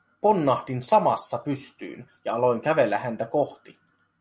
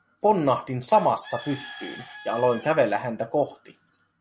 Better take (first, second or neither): first